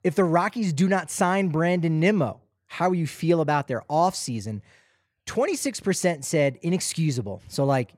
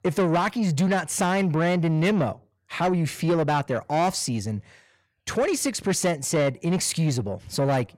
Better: first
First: none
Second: distortion; slight; 10 dB below the speech

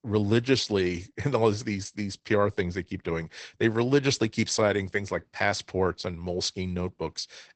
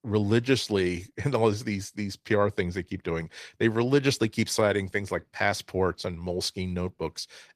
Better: second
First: garbled, watery; badly; nothing above 8 kHz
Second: garbled, watery; slightly; nothing above 14 kHz

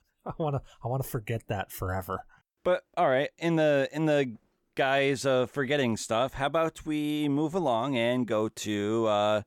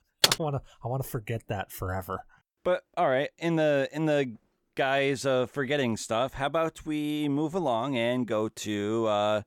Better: first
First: none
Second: keyboard typing; loud; at the start; peak 5 dB above the speech

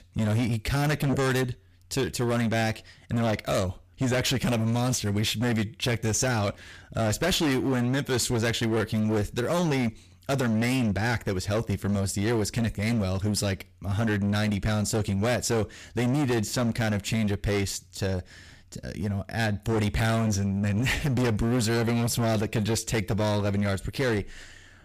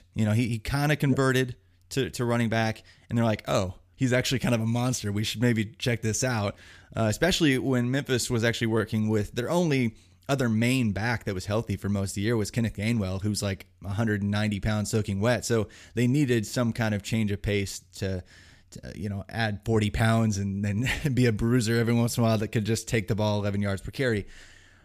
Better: second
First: distortion; heavy; 21% of the sound clipped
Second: none

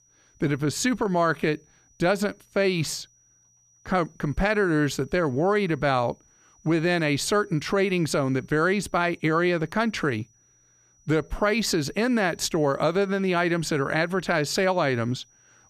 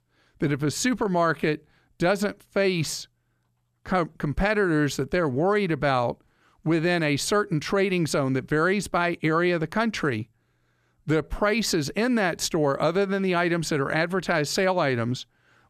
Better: second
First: high-pitched whine; faint; throughout; 6 kHz, 35 dB below the speech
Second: none

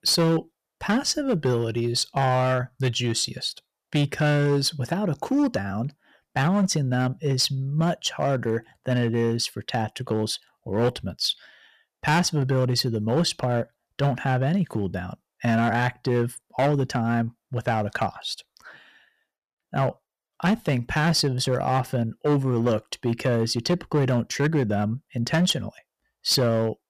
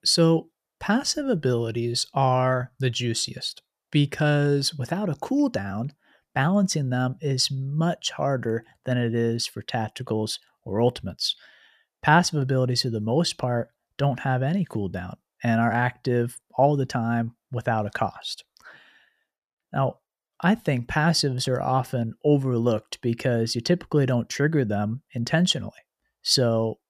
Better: second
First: distortion; slight; 7% of the sound clipped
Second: none

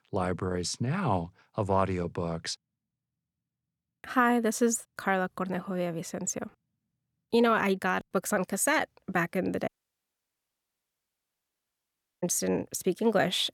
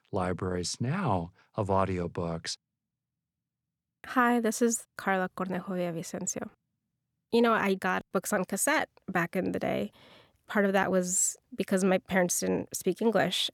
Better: second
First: audio cutting out; at 9.5 s for 2.5 s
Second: none

